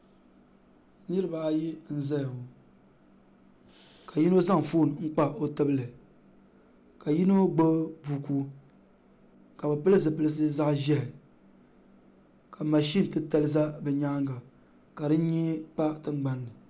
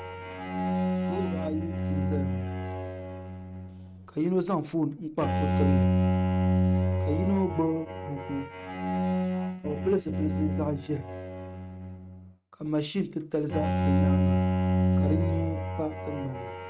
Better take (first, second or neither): first